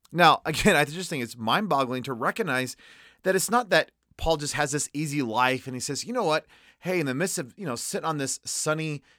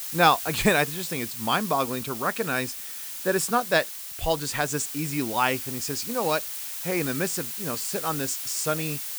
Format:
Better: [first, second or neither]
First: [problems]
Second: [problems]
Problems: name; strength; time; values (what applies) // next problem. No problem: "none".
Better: first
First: none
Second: hiss; loud; throughout; 5 dB below the speech